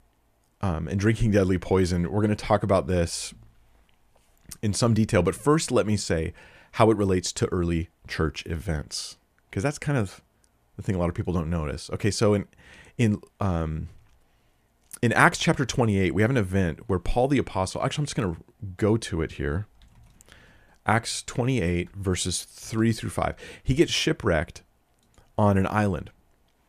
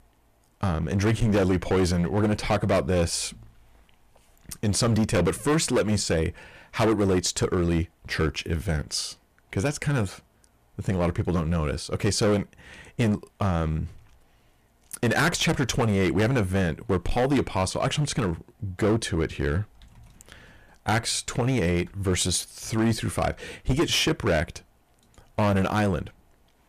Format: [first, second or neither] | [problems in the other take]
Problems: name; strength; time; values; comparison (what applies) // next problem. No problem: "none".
first | distortion; heavy; 10% of the sound clipped